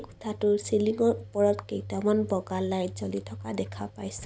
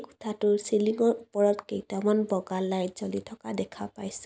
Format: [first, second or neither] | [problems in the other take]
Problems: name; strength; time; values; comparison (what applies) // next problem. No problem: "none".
second | background sound (Slam / Engine); 14 dB below the speech